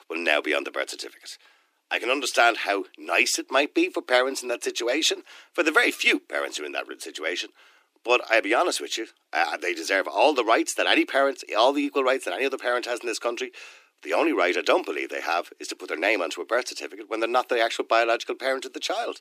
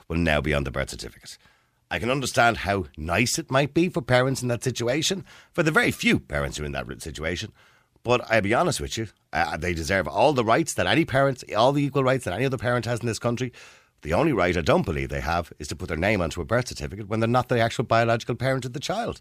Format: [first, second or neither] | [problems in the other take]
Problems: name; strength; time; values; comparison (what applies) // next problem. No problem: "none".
second | thin; somewhat; fading below 300 Hz